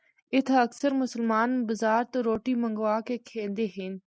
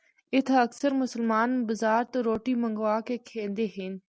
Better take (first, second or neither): second